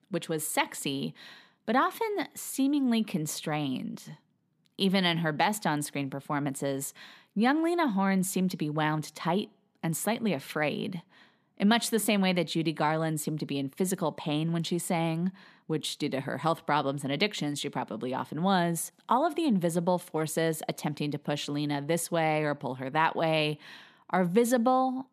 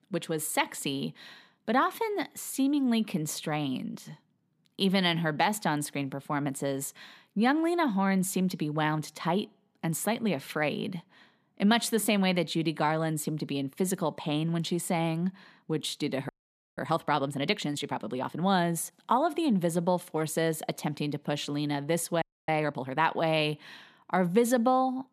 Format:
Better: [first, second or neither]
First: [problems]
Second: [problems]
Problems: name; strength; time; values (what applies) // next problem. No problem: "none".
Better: first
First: none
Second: audio freezing; at 16 s and at 22 s